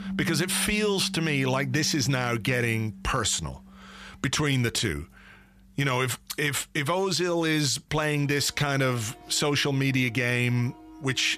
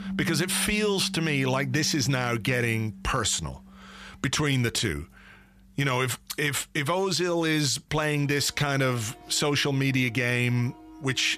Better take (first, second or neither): neither